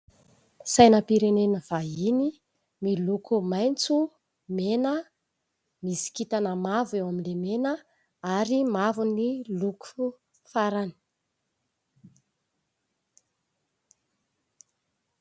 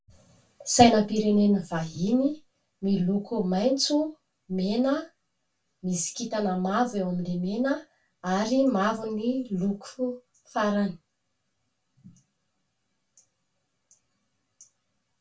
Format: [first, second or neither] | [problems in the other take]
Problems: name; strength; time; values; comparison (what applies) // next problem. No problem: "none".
first | room echo; dies away in 0.2 s